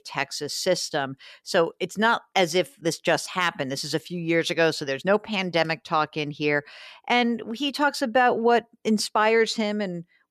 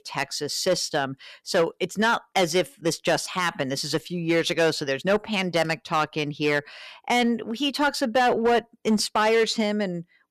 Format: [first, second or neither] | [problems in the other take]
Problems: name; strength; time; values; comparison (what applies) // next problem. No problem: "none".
first | distortion; slight; 5% of the sound clipped